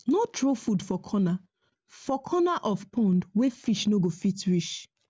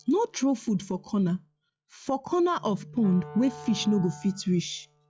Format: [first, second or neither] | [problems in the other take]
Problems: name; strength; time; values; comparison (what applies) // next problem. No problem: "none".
first | noise reduction (classical method log-MMSE)